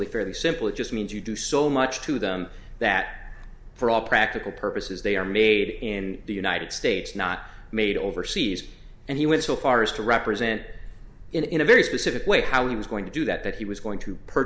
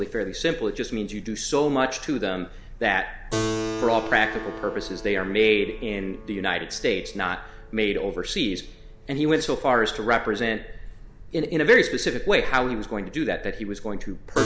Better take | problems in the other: first | background sound (Keyboard (musical)); 13 dB below the speech

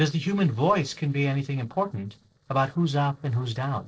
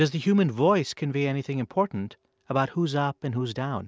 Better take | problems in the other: second | noise reduction (neural separator model SepFormer DNS4)

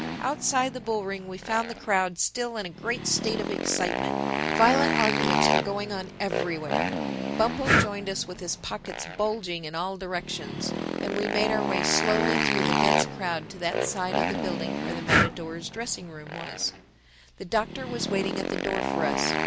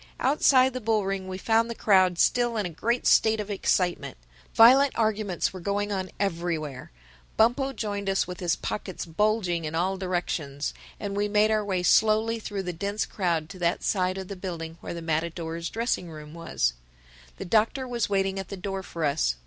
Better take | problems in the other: second | background sound (Motorcycle + Breathing); 1 dB above the speech

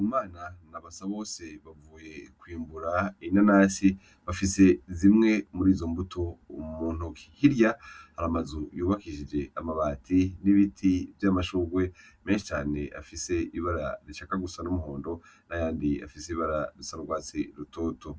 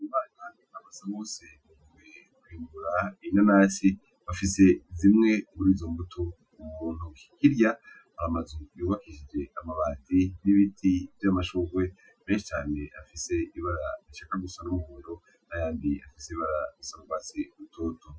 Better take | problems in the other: first | noise reduction (classical method Wiener filter)

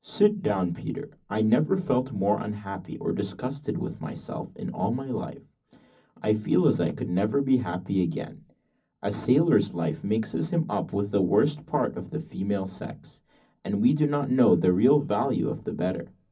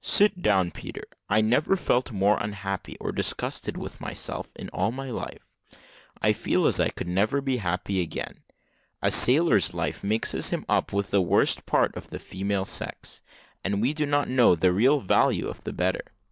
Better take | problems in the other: second | room echo; dies away in 0.4 s

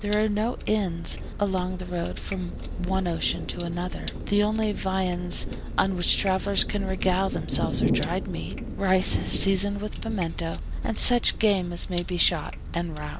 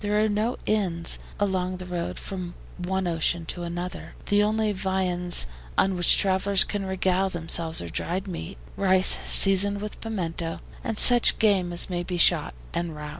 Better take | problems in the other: second | background sound (Sink (filling or washing) + Thunder); 5 dB below the speech

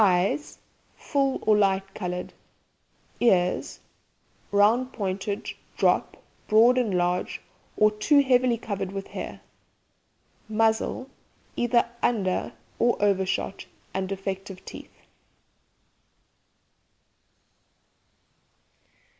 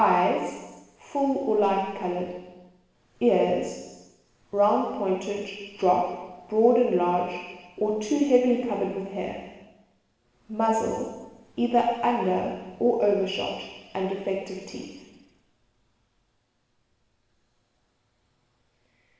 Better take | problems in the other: first | room echo; dies away in 1.1 s

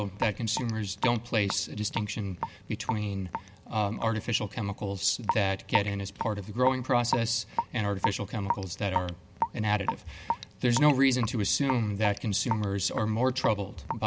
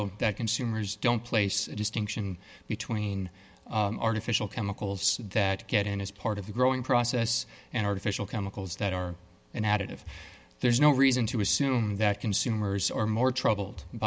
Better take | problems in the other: second | background sound (Raindrop / Drip); 8 dB below the speech

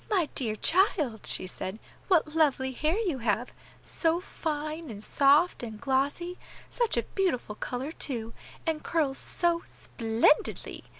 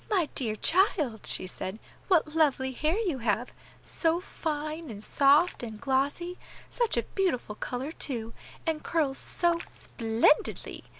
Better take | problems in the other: first | background sound (Raindrop); 18 dB below the speech

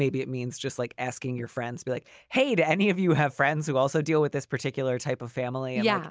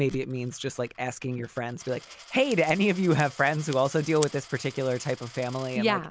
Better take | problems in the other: first | background sound (Crack + Coin (dropping)); 19 dB below the speech

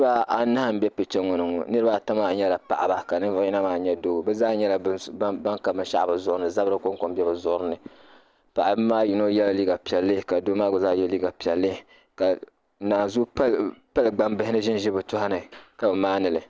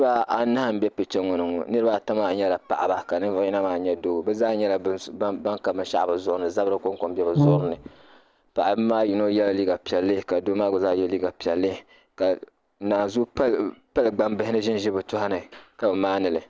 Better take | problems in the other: first | background sound (Brass instrument); 2 dB above the speech

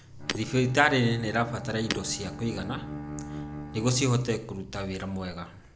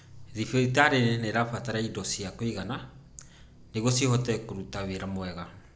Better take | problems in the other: second | background sound (Bowed string instrument + Shatter); 11 dB below the speech

